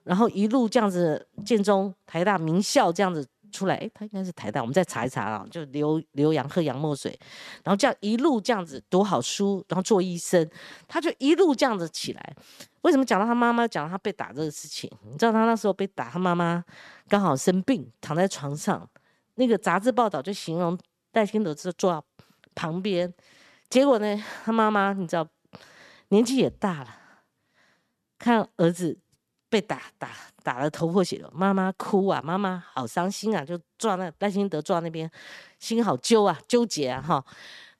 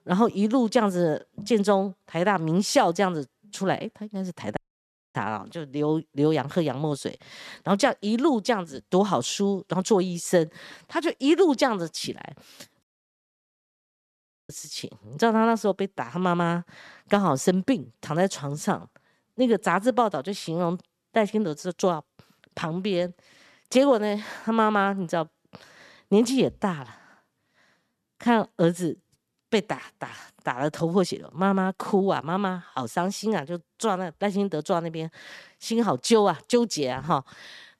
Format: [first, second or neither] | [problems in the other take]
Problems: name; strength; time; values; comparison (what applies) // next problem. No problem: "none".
first | audio cutting out; at 4.5 s for 0.5 s and at 13 s for 1.5 s